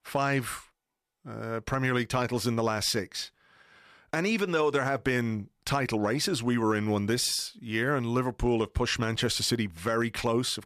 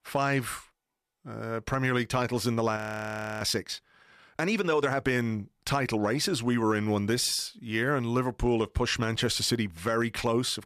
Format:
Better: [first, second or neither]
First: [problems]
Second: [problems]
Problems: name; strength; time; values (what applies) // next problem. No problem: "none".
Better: first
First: none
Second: audio freezing; at 3 s for 0.5 s